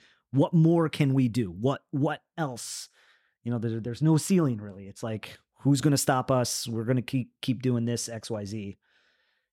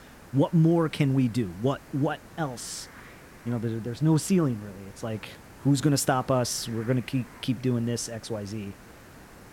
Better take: first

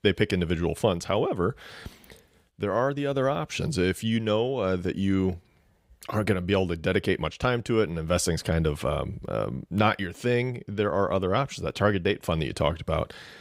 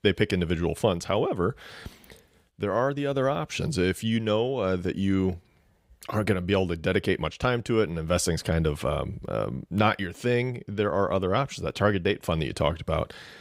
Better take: neither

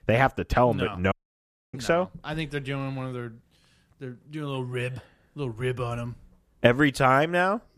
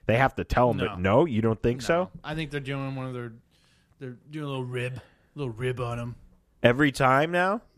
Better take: second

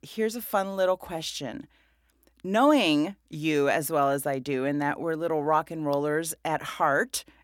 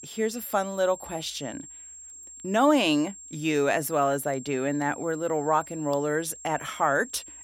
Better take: first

